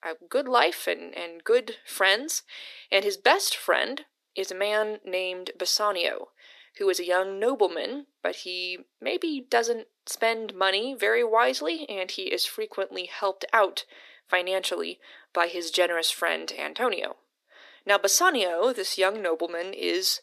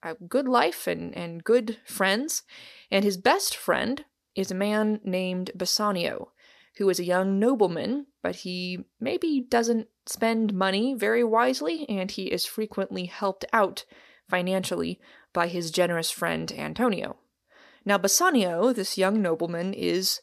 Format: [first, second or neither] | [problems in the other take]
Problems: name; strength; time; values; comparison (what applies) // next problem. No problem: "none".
second | thin; somewhat; fading below 300 Hz